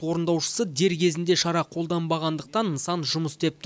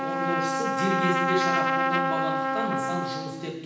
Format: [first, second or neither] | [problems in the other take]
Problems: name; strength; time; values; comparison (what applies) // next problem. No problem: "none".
first | background sound (Trumpet); 5 dB above the speech // room echo; dies away in 0.9 s